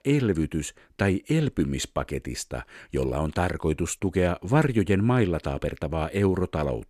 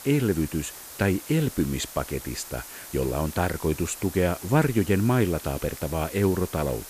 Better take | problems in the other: first | hiss; noticeable; throughout; 15 dB below the speech

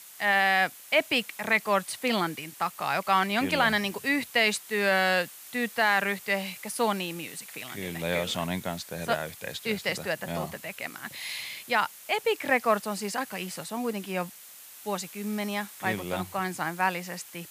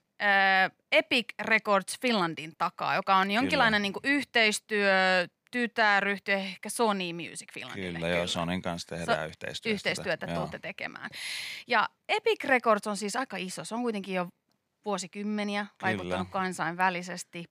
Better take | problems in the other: second | hiss; noticeable; throughout; 15 dB below the speech

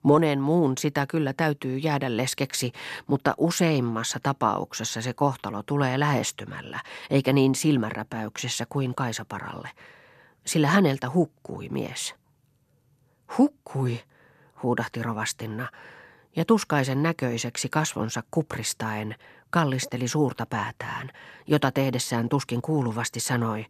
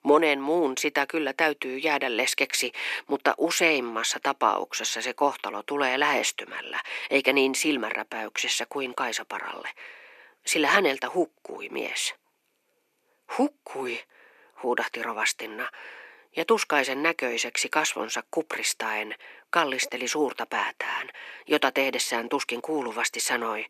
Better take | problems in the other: first | thin; somewhat; fading below 350 Hz

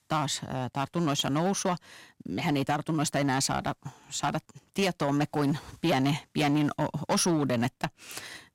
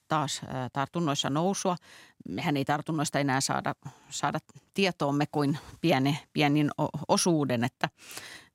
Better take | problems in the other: second | distortion; slight; 7% of the sound clipped

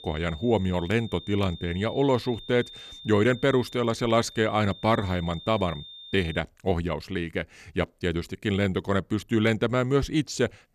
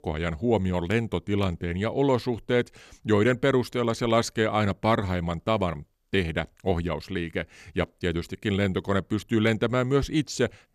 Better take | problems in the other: second | high-pitched whine; noticeable; until 6.5 s; 3.5 kHz, 15 dB below the speech

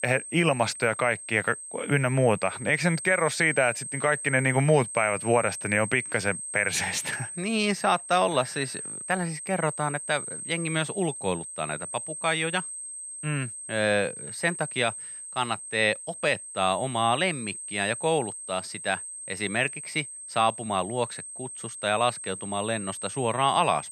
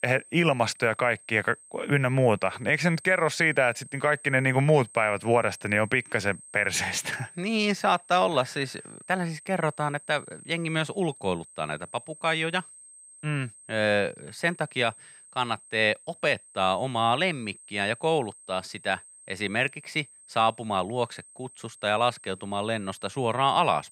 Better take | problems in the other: second | high-pitched whine; loud; throughout; 8.5 kHz, 9 dB below the speech; faint in the second

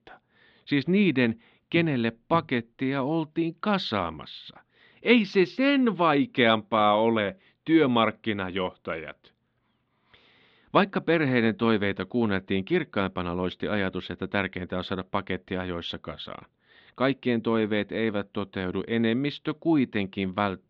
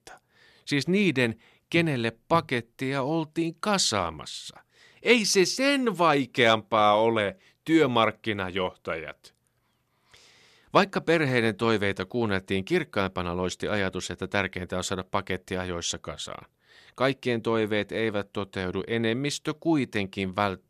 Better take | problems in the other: second | muffled; slightly; fading above 3.5 kHz

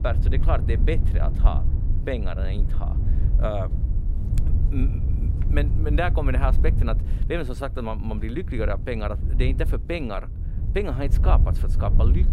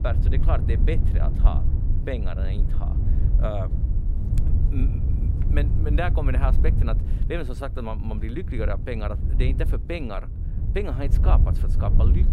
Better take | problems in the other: first | wind noise on the microphone; heavy; 7 dB below the speech; occasional gusts in the first

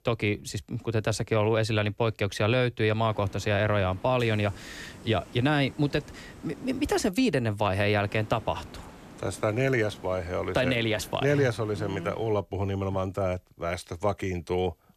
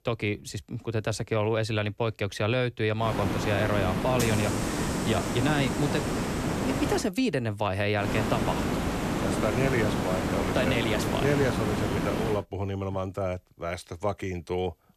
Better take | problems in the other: first | hiss; loud; from 3 to 7 s and from 8 to 12 s; as loud as the speech; faint in the first

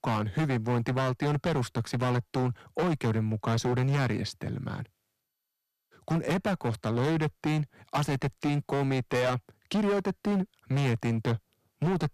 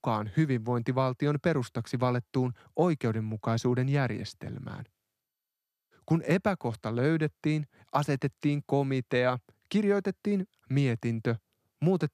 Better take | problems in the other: second | distortion; heavy; 18% of the sound clipped

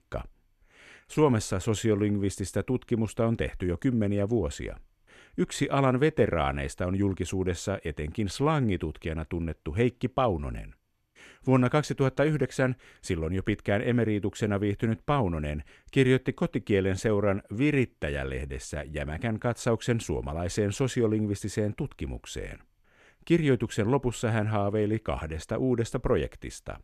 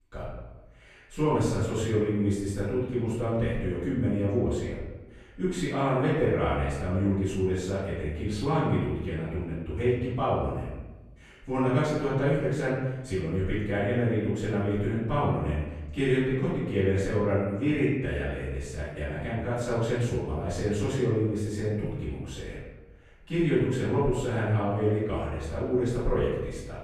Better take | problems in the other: first | off-mic speech; far // room echo; noticeable; dies away in 1 s

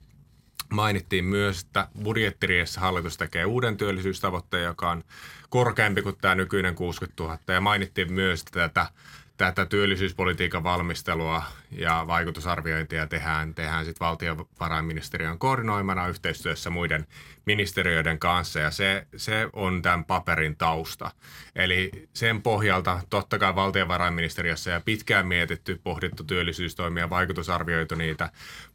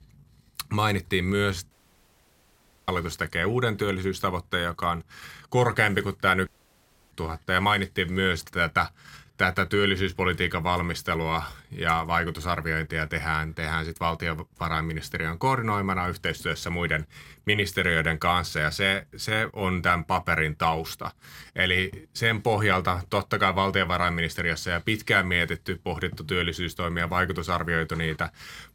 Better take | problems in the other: first | audio cutting out; at 1.5 s for 1 s and at 6.5 s for 0.5 s

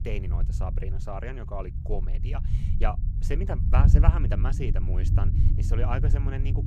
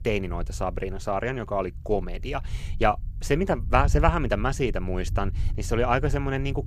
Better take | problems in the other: second | low rumble; loud; throughout; 5 dB below the speech; faint in the second

